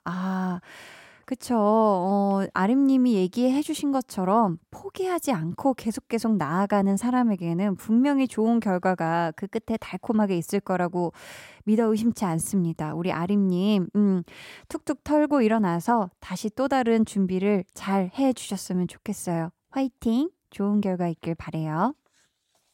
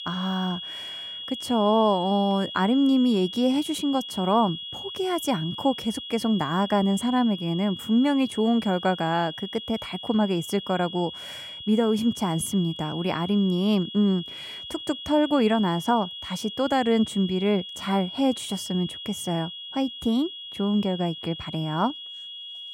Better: first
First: none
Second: high-pitched whine; loud; throughout; 3.5 kHz, 10 dB below the speech

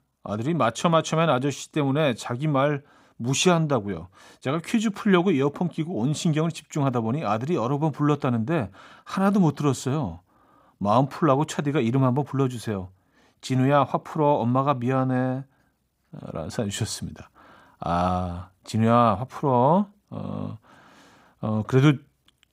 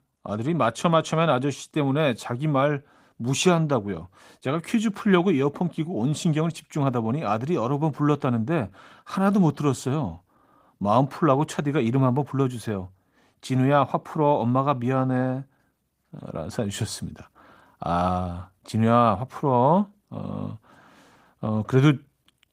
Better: first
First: none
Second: garbled, watery; slightly; nothing above 15.5 kHz

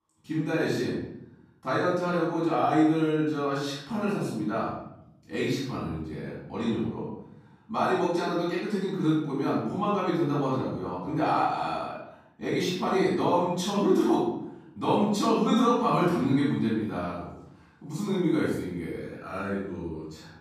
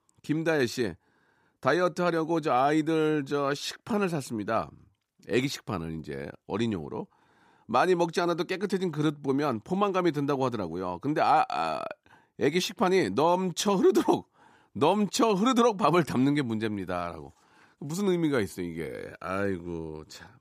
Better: second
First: room echo; strong; dies away in 0.8 s // off-mic speech; far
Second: none

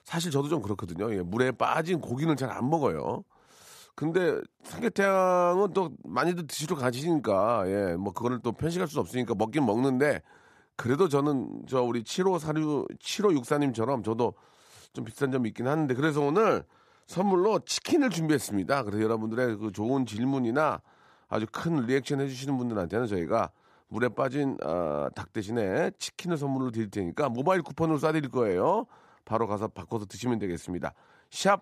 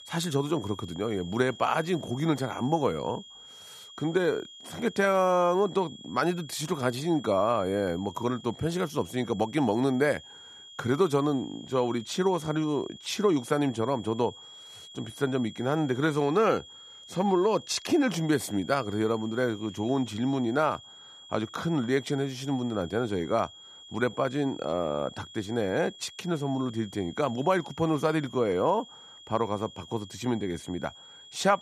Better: first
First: none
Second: high-pitched whine; noticeable; throughout; 3.5 kHz, 20 dB below the speech

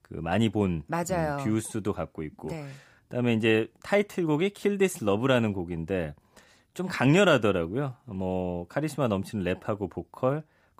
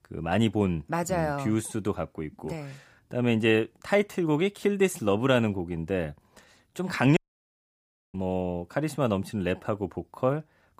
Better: first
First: none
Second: audio cutting out; at 7 s for 1 s

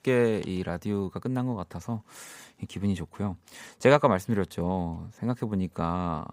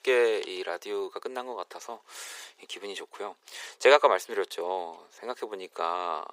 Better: first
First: none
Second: thin; very; fading below 400 Hz

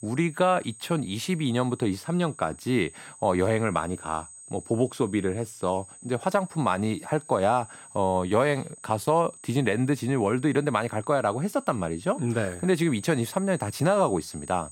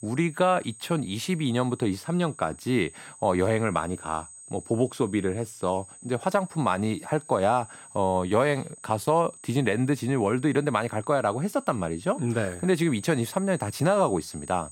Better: neither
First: high-pitched whine; noticeable; throughout; 8 kHz, 20 dB below the speech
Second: high-pitched whine; noticeable; throughout; 8 kHz, 20 dB below the speech

